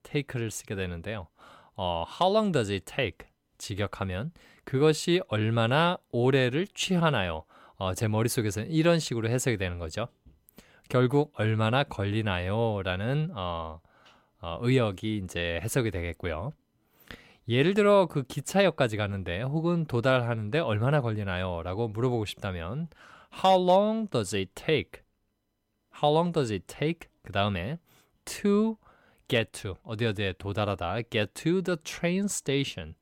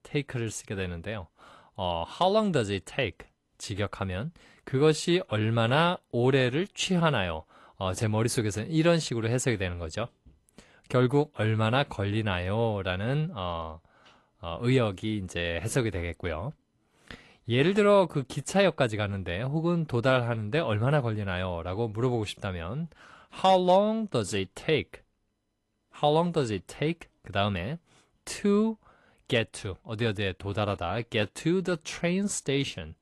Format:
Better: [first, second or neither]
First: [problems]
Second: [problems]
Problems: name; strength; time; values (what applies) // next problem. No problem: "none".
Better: first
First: none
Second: garbled, watery; slightly; nothing above 11.5 kHz